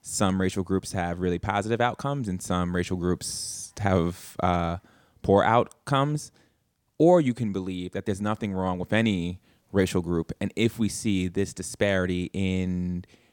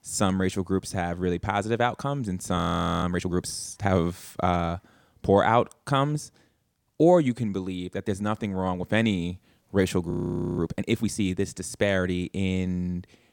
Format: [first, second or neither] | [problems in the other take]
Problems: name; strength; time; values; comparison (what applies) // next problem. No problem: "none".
first | audio freezing; at 2.5 s and at 10 s